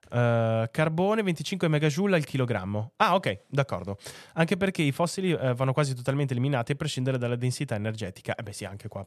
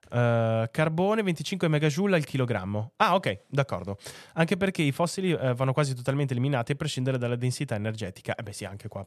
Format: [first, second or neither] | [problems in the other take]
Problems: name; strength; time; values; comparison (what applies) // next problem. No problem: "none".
neither | none